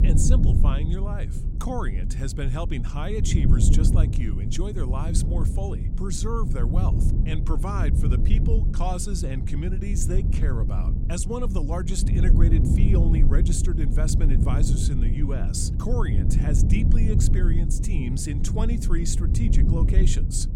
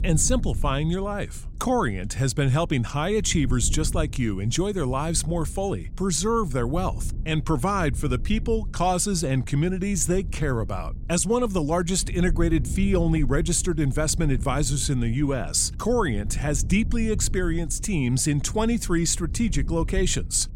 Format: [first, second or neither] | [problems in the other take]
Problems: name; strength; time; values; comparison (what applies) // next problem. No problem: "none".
second | low rumble; loud; throughout; 3 dB below the speech; faint in the second